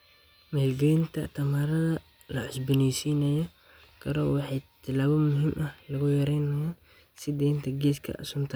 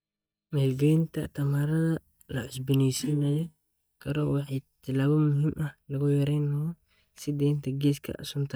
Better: first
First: none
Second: noise reduction (neural mask model DeepFilterNet 3)

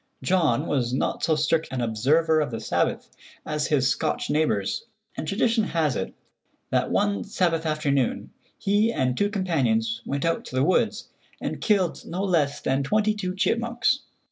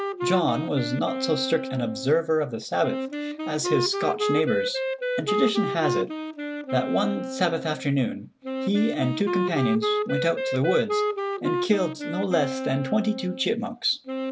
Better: first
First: none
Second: background sound (Wind instrument, woodwind instrument); 3 dB below the speech

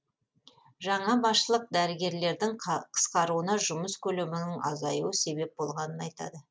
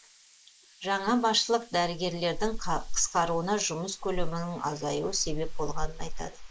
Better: first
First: none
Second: noise reduction (neural mask model Resemble Enhance denoiser)

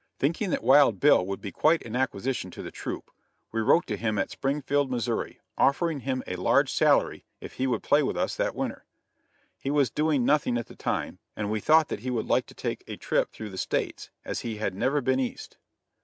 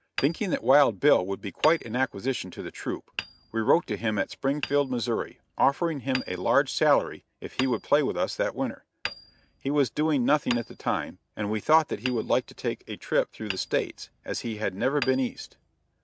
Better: first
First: none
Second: background sound (Hammer); 16 dB below the speech

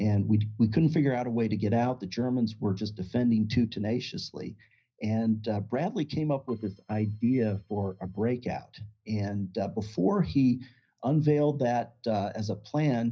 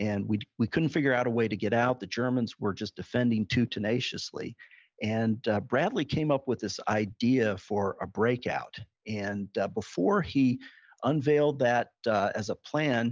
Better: second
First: noise reduction (neural mask model DeepFilterNet 3)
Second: none

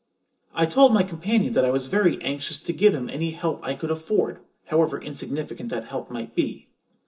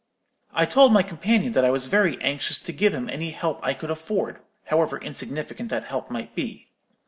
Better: second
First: room echo; dies away in 0.2 s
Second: none

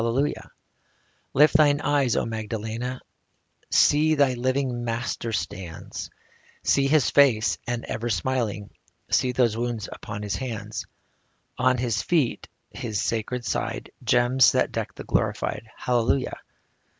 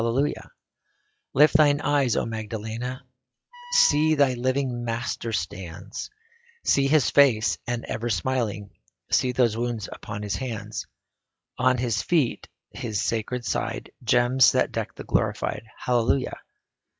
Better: first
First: none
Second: noise reduction (classical method log-MMSE)

